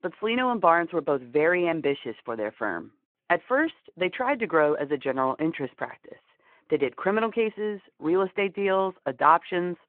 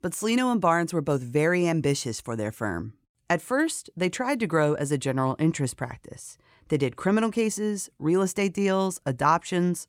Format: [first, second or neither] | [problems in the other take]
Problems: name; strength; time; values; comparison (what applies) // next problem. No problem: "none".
second | phone-call audio